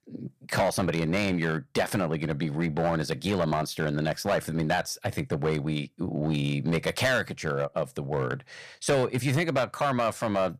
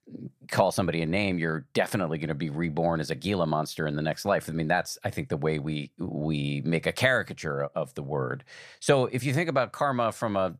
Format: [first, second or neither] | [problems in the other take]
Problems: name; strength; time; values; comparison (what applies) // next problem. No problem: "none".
second | distortion; slight; 7% of the sound clipped